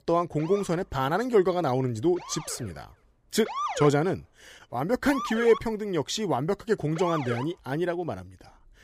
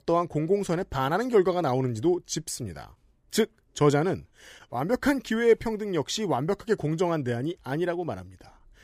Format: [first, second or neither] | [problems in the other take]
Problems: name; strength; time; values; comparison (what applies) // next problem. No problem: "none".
second | siren; noticeable; until 7.5 s; peak 4 dB below the speech